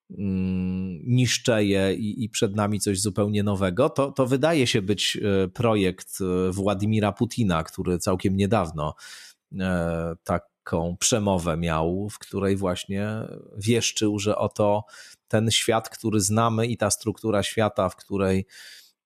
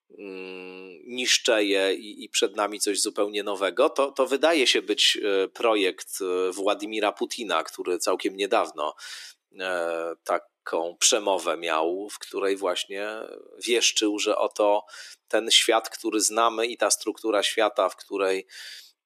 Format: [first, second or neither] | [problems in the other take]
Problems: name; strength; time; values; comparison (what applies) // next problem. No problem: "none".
first | thin; very; fading below 300 Hz